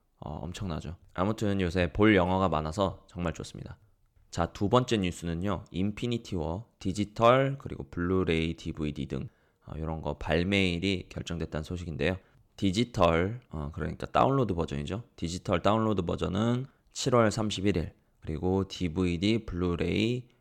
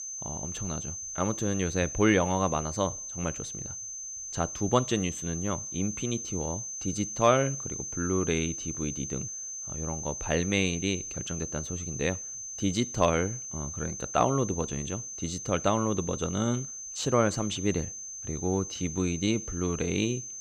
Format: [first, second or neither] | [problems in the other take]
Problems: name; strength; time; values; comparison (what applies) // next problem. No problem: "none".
first | high-pitched whine; loud; throughout; 6 kHz, 6 dB below the speech